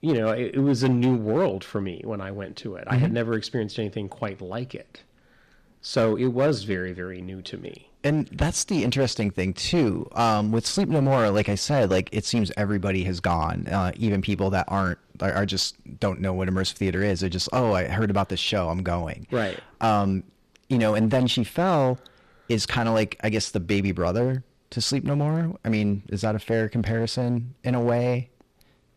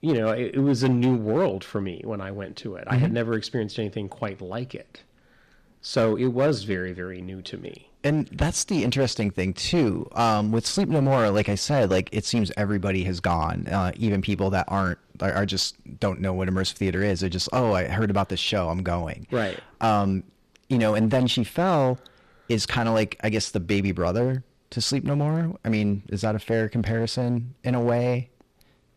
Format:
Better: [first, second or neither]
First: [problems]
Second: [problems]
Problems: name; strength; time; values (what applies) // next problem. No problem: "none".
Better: neither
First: distortion; slight; 7% of the sound clipped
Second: distortion; slight; 7% of the sound clipped